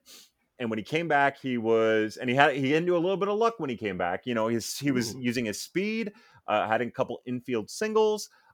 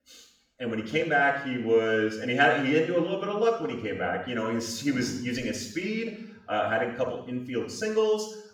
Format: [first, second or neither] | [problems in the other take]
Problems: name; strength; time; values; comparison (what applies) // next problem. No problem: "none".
first | room echo; noticeable; dies away in 0.7 s // off-mic speech; far